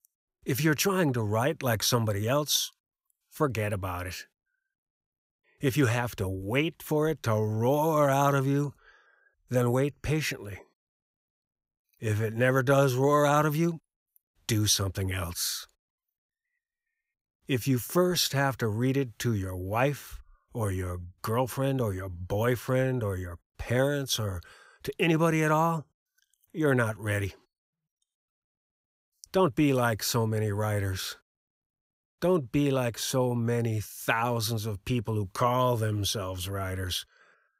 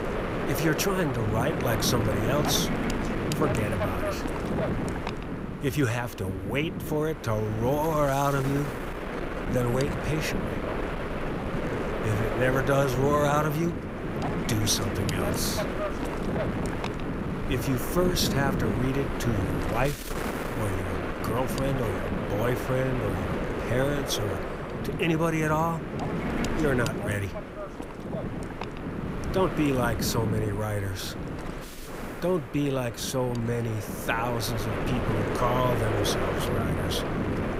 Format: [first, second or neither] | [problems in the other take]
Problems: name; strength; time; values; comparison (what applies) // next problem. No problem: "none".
first | wind noise on the microphone; heavy; 3 dB below the speech